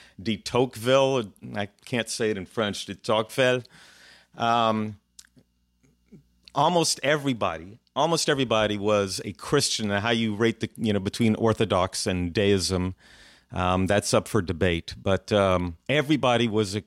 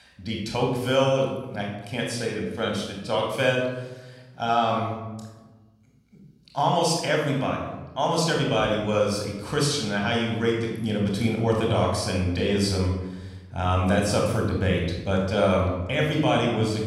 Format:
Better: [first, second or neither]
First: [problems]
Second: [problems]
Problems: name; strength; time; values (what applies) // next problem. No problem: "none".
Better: first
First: none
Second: off-mic speech; somewhat distant // room echo; noticeable; dies away in 1 s